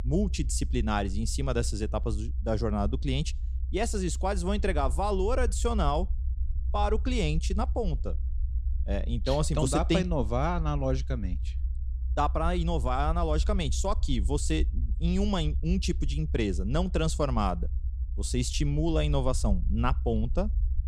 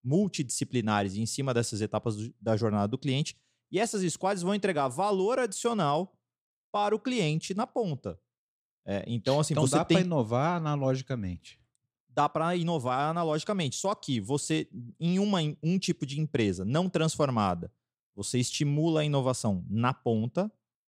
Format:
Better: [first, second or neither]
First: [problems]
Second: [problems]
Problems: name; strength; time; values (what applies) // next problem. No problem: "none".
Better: second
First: low rumble; faint; throughout; 20 dB below the speech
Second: none